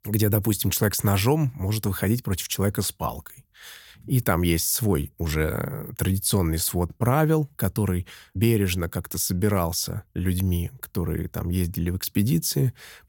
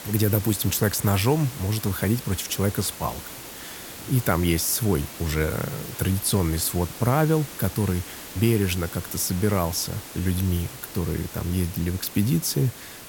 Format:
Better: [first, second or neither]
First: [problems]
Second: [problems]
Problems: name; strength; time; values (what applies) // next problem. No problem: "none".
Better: first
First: none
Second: hiss; noticeable; throughout; 10 dB below the speech